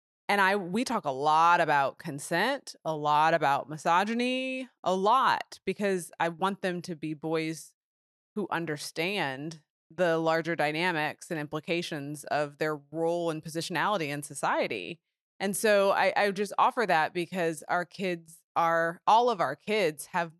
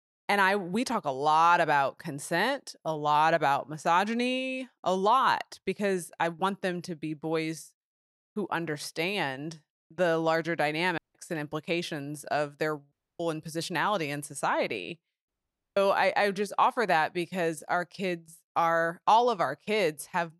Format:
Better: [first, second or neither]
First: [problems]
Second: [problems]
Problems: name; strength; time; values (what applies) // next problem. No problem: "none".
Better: first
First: none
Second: audio cutting out; at 11 s, at 13 s and at 15 s